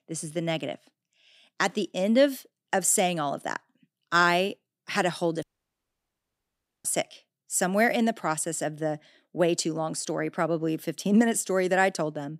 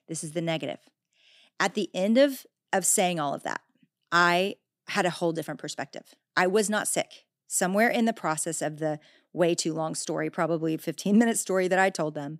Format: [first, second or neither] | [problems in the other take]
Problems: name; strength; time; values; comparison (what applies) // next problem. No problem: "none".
second | audio cutting out; at 5.5 s for 1.5 s